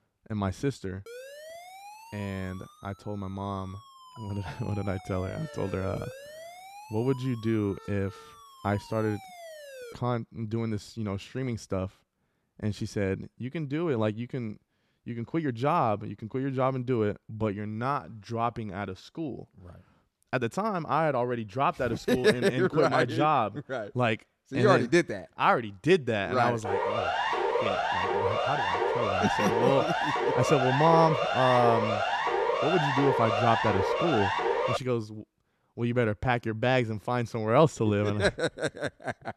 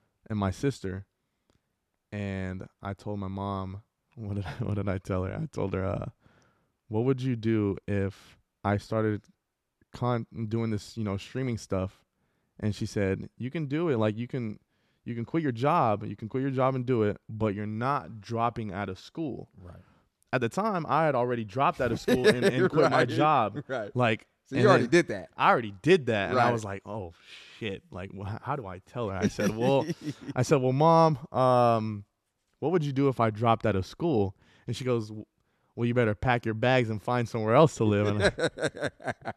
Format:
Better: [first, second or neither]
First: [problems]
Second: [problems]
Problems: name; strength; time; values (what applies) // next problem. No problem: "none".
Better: second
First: siren; faint; from 1 to 10 s; peak 15 dB below the speech // siren; loud; from 27 to 35 s; peak 2 dB above the speech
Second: none